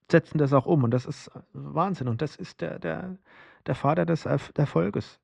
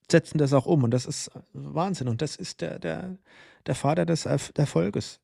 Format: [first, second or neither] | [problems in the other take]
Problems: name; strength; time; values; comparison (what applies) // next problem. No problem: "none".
second | muffled; slightly; fading above 3 kHz